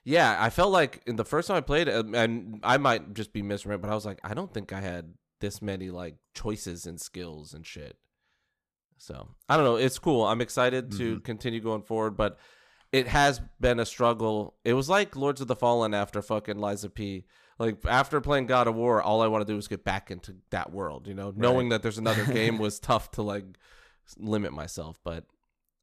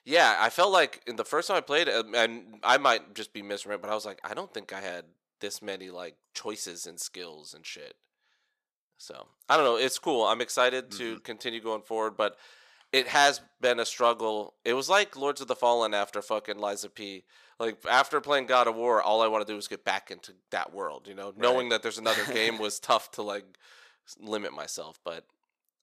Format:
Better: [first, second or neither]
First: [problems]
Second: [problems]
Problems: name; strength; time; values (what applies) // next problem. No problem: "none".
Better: first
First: none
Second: thin; somewhat; fading below 450 Hz